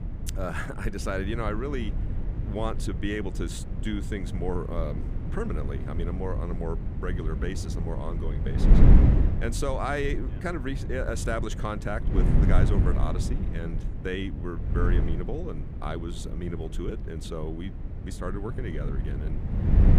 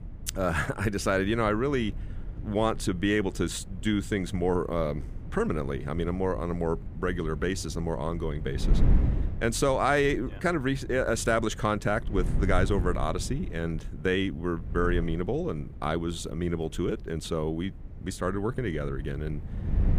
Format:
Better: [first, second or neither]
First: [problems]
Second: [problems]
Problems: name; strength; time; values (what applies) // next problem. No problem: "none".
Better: second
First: wind noise on the microphone; heavy; 6 dB below the speech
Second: wind noise on the microphone; occasional gusts; 20 dB below the speech